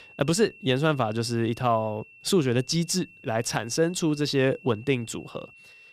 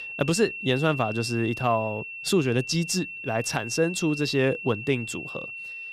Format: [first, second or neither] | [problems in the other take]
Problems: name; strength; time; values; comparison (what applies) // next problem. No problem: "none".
first | high-pitched whine; loud; throughout; 2.5 kHz, 8 dB below the speech; faint in the first